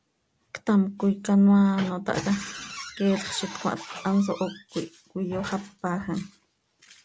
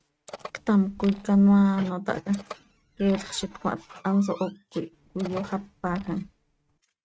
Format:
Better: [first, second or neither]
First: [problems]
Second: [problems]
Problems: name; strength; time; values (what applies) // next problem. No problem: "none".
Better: first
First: none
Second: noise reduction (neural mask model RNNoise)